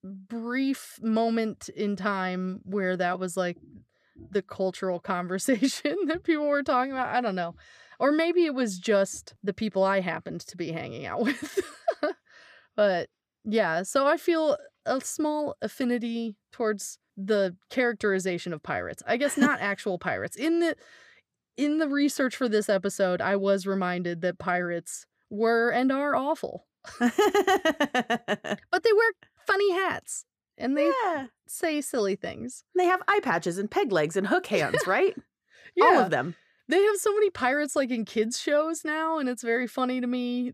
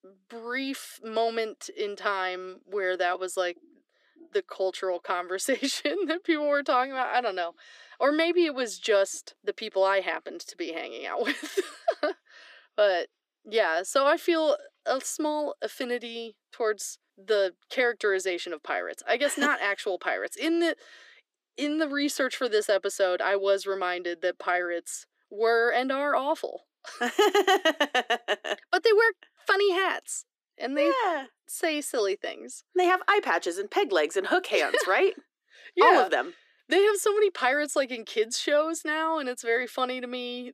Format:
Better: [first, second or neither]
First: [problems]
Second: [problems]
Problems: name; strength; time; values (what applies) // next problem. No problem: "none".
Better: first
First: none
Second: thin; somewhat; fading below 300 Hz